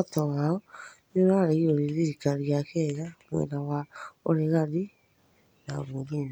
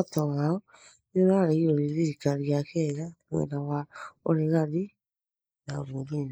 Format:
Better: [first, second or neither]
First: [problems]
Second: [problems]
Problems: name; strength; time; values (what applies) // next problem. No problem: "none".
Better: first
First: none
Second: noise reduction (neural mask model Resemble Enhance denoiser)